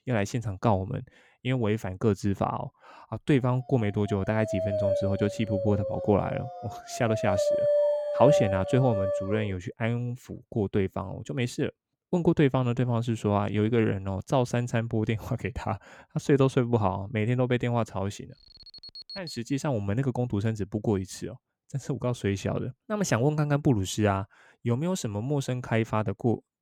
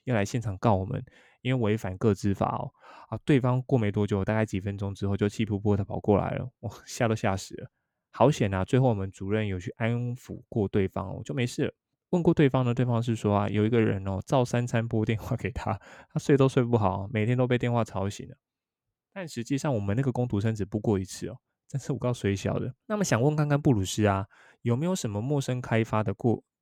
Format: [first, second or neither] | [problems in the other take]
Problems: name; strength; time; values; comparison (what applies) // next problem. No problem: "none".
second | dog barking; loud; from 4 to 9.5 s; peak 4 dB above the speech // alarm; faint; from 18 to 19 s; peak 10 dB below the speech